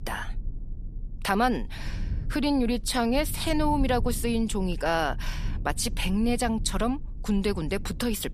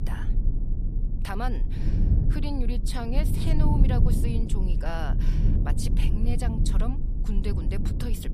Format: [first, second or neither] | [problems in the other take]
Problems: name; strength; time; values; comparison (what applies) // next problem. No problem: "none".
first | low rumble; loud; throughout; 3 dB below the speech; faint in the first